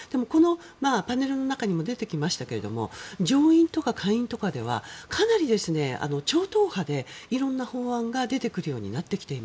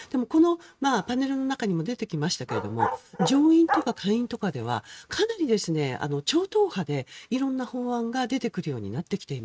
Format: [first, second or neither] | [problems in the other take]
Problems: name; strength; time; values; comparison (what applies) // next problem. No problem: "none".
first | noise reduction (neural mask model RNNoise)